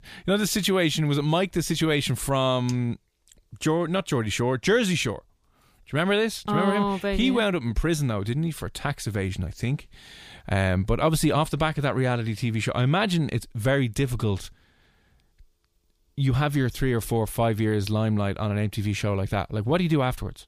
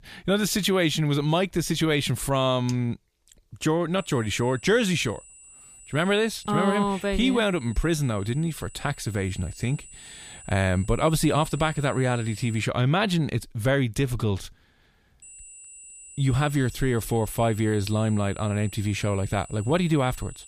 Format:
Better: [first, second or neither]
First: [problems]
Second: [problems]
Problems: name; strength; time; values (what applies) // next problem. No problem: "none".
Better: first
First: none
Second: high-pitched whine; noticeable; from 4 to 13 s and from 15 s on; 8 kHz, 20 dB below the speech